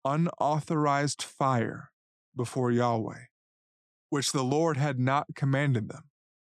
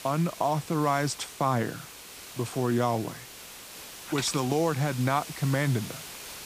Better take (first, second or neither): first